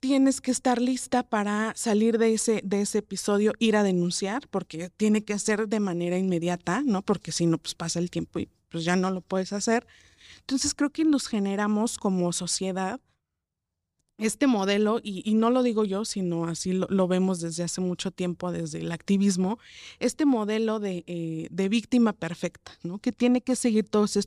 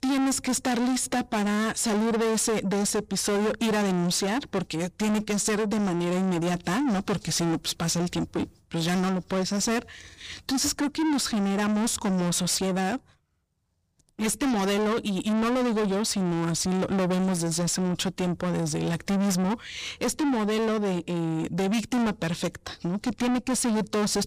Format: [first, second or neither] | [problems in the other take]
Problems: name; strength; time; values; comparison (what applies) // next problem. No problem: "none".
first | distortion; heavy; 6 dB below the speech